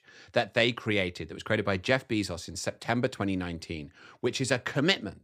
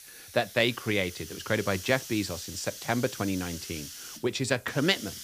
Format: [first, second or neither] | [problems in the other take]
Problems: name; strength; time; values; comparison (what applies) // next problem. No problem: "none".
first | hiss; noticeable; throughout; 10 dB below the speech